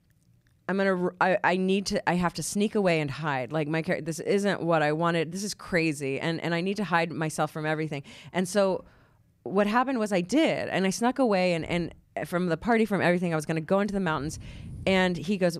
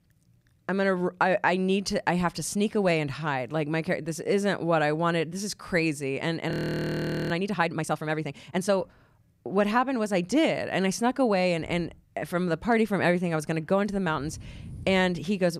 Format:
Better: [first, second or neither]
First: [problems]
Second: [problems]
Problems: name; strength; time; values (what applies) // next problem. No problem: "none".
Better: first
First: none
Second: audio freezing; at 6.5 s for 1 s